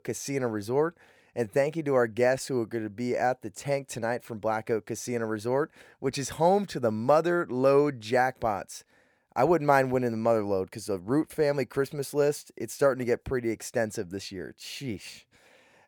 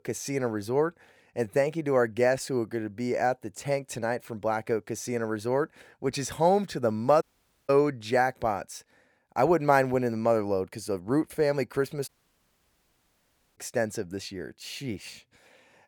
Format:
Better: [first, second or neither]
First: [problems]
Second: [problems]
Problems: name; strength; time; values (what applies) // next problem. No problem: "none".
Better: first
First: none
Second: audio cutting out; at 7 s and at 12 s for 1.5 s